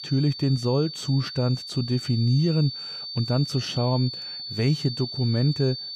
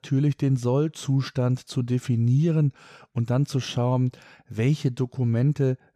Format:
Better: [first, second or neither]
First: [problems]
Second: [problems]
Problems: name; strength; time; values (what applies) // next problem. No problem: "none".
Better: second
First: high-pitched whine; loud; throughout; 4.5 kHz, 8 dB below the speech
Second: none